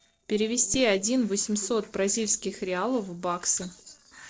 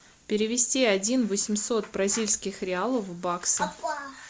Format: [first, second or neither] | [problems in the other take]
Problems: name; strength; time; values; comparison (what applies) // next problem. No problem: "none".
second | noise reduction (neural separator model SepFormer DNS4)